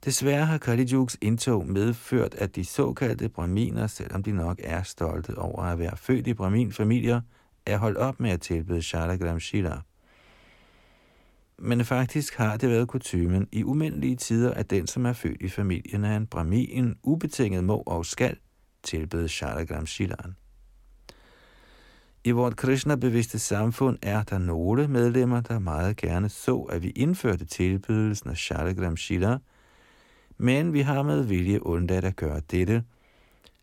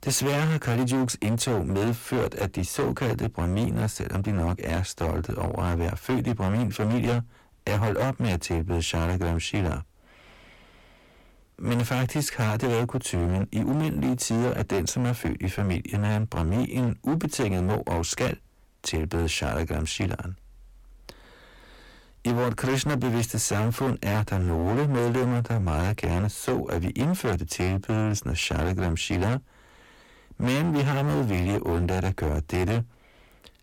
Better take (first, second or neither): first